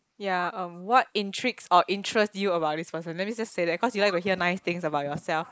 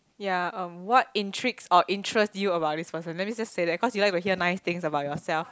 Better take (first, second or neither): second